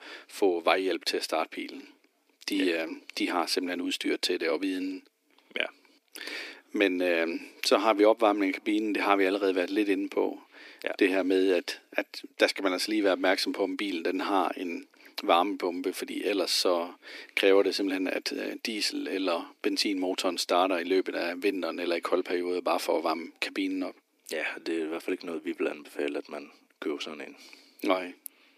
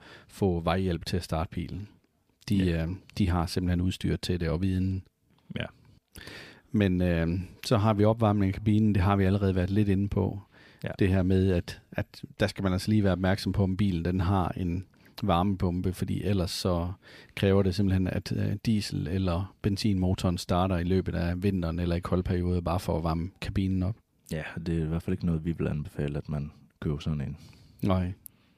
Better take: second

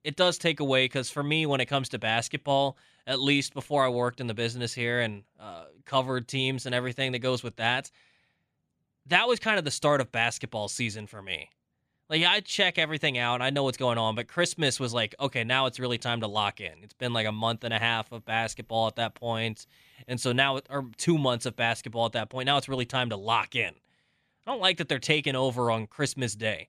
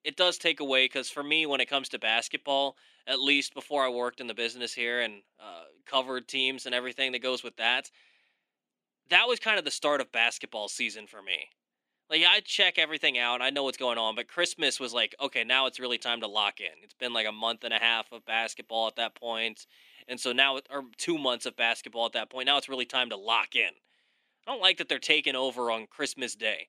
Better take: first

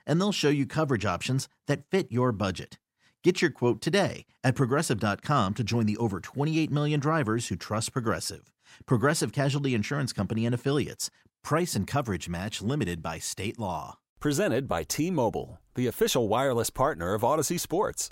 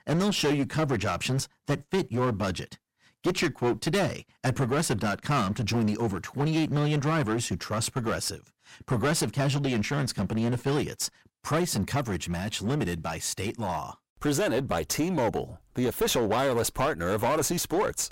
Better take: first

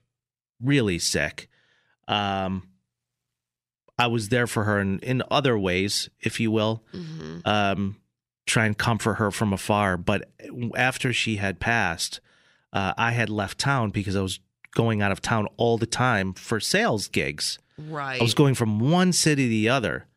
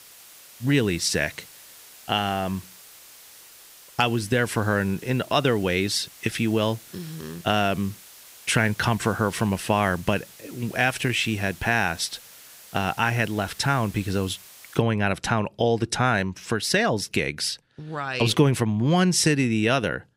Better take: first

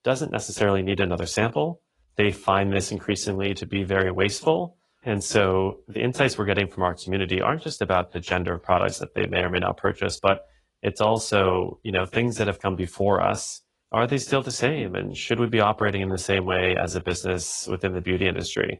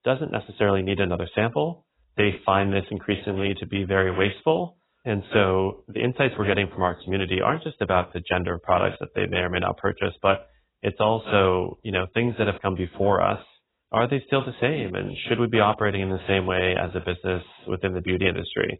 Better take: first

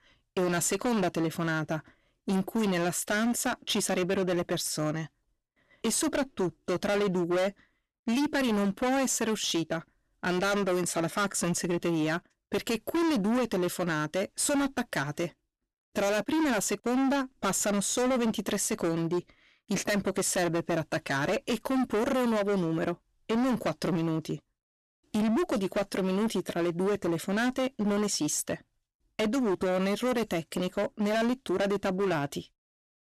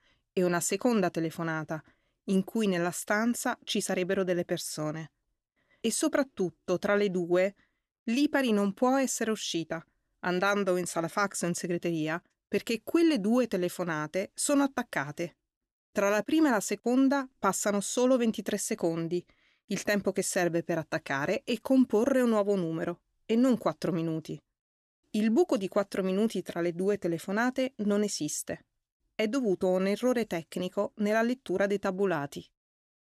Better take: second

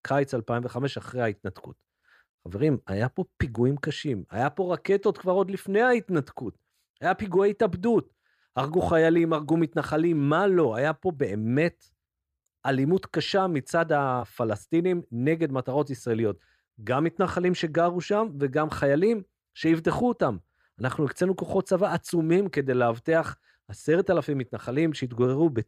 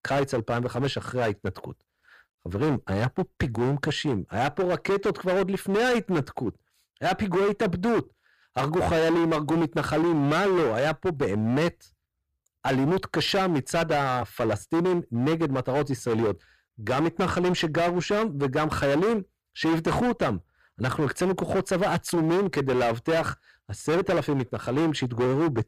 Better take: first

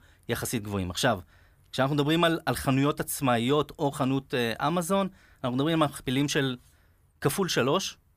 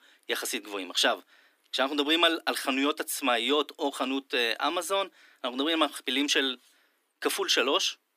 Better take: first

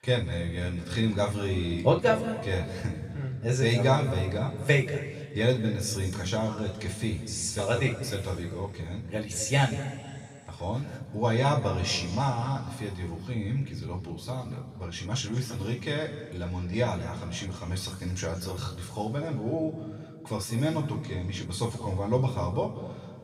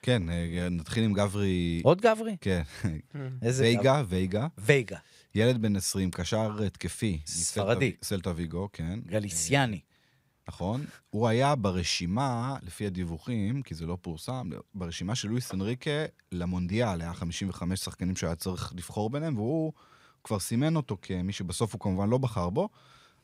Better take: second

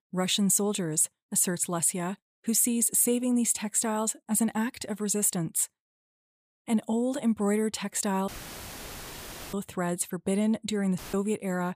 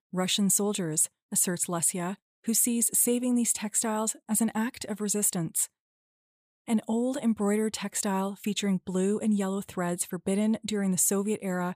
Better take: second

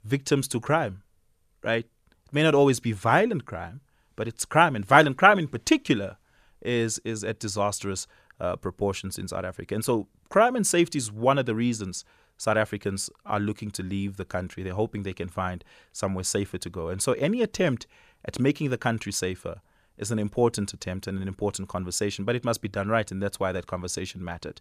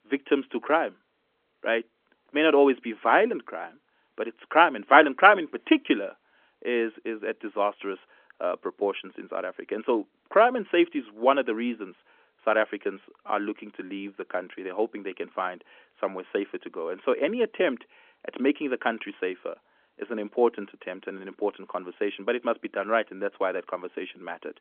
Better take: first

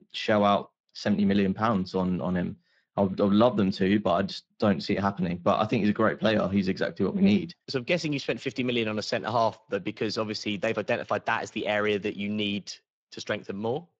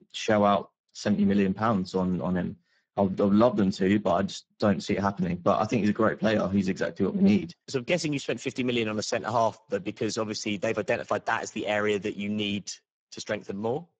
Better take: first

